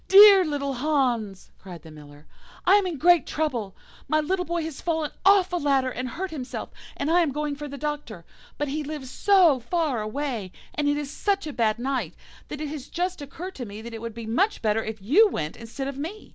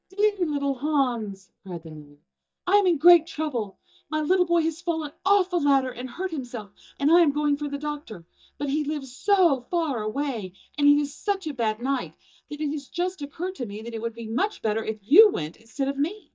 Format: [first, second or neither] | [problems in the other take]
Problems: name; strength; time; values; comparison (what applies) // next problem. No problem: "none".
first | noise reduction (neural mask model DeepFilterNet 3)